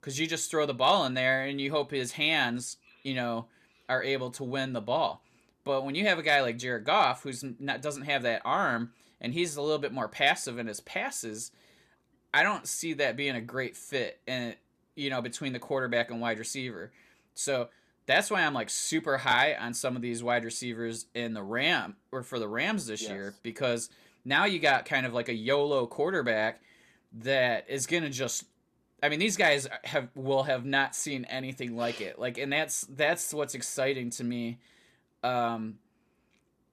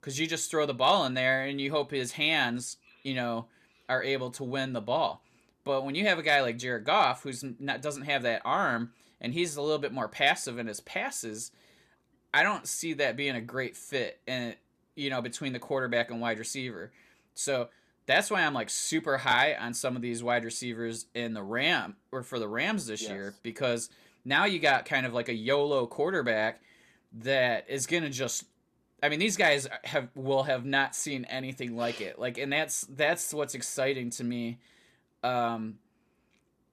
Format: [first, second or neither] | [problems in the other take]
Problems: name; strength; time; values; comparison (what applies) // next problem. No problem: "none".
neither | none